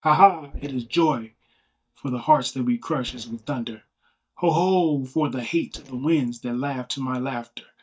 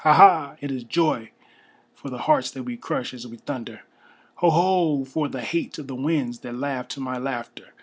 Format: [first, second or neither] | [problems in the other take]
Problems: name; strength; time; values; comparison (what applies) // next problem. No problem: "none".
second | noise reduction (neural mask model DeepFilterNet 3)